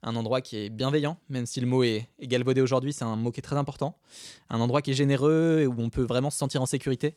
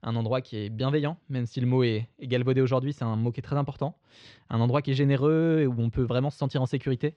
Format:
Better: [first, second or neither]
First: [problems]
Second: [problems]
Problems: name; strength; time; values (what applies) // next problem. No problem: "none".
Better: first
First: none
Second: muffled; slightly; fading above 3.5 kHz